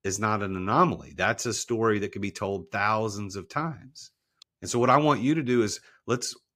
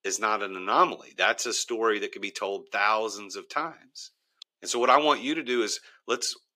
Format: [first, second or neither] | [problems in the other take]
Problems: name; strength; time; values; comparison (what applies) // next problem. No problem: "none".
first | thin; somewhat; fading below 350 Hz